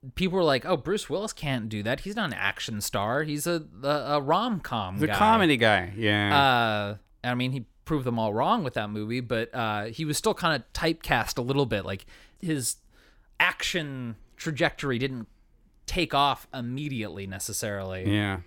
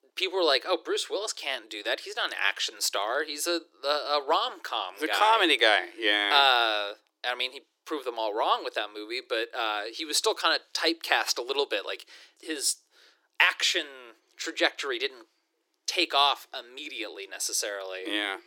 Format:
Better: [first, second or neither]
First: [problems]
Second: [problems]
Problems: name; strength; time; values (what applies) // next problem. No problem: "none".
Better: first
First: none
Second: thin; very; fading below 350 Hz